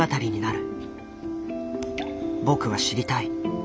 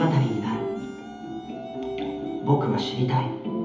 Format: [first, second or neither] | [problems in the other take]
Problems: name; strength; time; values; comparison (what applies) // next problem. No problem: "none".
first | background sound (Wind instrument, woodwind instrument); 19 dB below the speech // room echo; dies away in 1.3 s